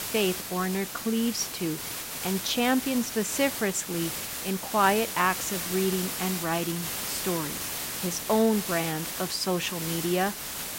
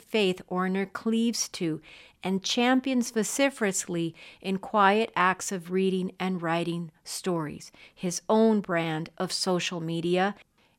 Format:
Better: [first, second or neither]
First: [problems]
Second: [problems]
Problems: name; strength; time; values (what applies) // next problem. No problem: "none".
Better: second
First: hiss; loud; throughout; 4 dB below the speech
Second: none